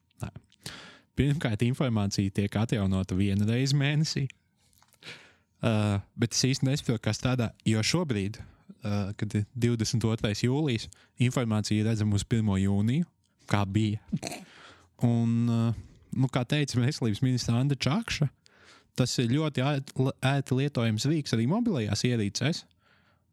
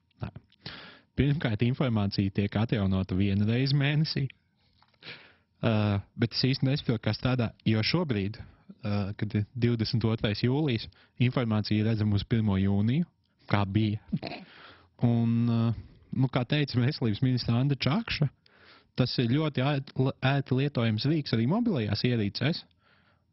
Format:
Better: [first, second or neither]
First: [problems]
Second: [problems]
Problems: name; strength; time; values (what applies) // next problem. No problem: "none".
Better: first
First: none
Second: garbled, watery; badly; nothing above 5.5 kHz